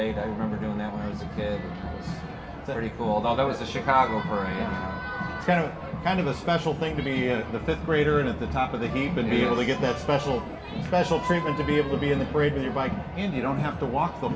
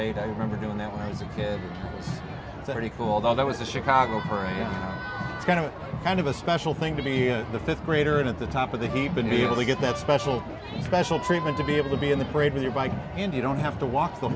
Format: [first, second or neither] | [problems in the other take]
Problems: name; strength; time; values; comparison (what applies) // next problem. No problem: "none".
second | room echo; dies away in 1 s